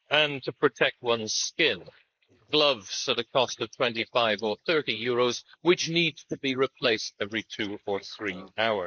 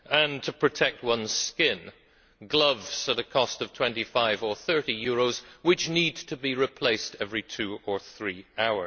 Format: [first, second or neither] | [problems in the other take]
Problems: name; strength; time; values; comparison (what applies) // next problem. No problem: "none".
second | noise reduction (neural mask model Resemble Enhance denoiser)